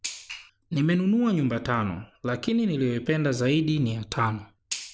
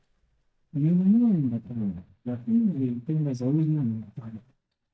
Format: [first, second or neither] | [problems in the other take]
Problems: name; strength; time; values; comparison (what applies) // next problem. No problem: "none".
first | noise reduction (neural mask model DeepFilterNet 3)